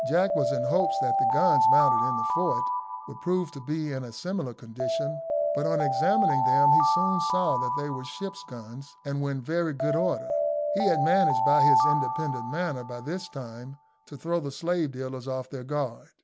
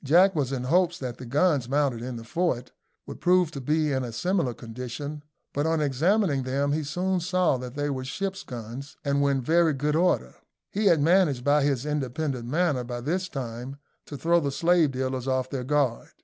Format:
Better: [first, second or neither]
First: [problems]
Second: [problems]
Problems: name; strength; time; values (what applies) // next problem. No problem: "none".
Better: second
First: background sound (Alarm); 3 dB above the speech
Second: none